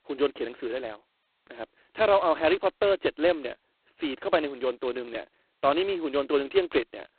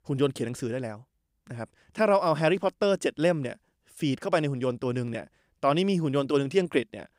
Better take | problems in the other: second | phone-call audio; poor line; nothing above 4 kHz

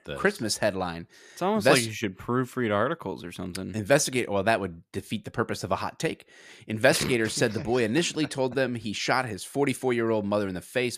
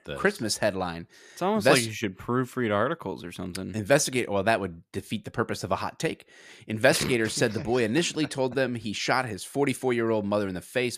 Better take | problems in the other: neither | none

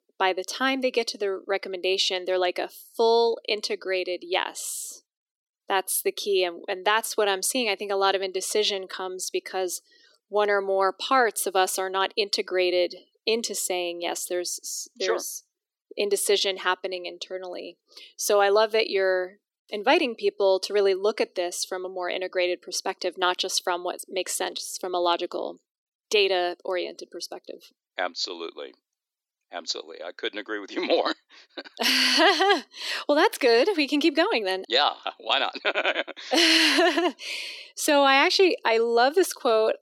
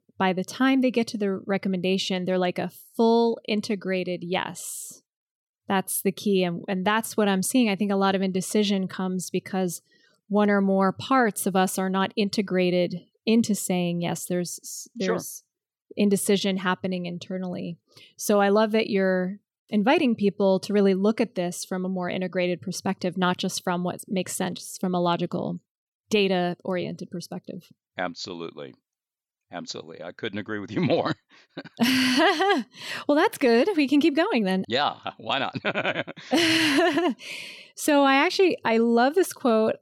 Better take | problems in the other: second | thin; somewhat; fading below 300 Hz

